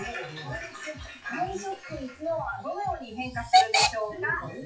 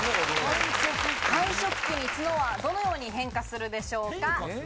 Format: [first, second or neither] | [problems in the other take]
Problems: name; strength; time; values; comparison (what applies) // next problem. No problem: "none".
second | noise reduction (classical method WPE with log-MMSE)